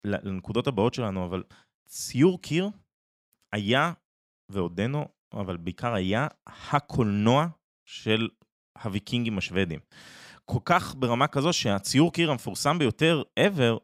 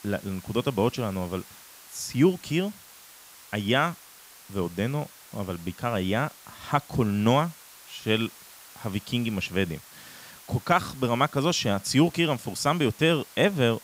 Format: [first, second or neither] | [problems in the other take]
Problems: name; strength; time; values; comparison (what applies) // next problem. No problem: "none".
first | hiss; noticeable; throughout; 20 dB below the speech